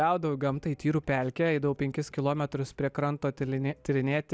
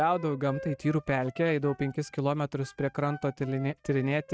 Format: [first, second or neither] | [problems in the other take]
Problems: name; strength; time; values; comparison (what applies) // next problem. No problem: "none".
first | noise reduction (neural mask model RNNoise)